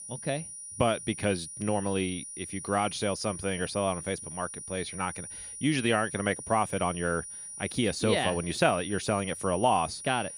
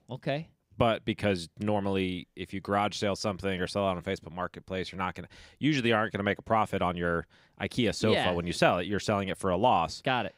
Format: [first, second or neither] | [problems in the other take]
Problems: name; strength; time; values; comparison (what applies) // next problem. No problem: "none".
second | high-pitched whine; loud; throughout; 9.5 kHz, 9 dB below the speech